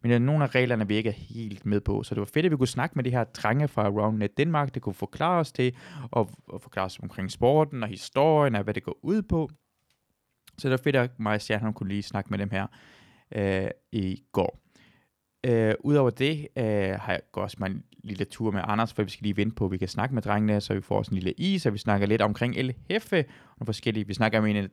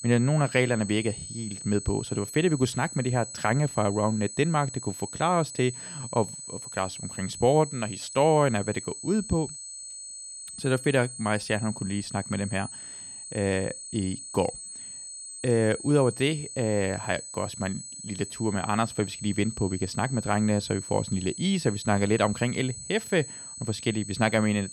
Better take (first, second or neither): first